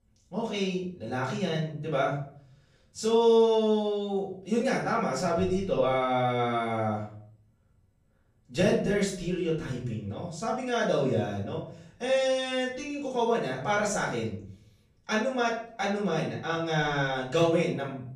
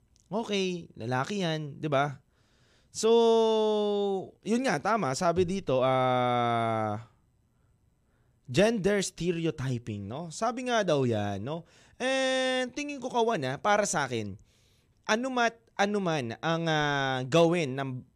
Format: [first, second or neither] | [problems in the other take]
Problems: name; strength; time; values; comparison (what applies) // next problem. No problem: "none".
second | off-mic speech; far // room echo; noticeable; dies away in 0.5 s